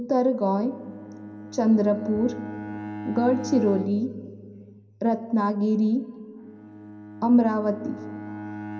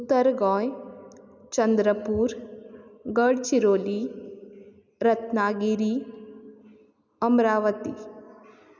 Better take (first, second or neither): second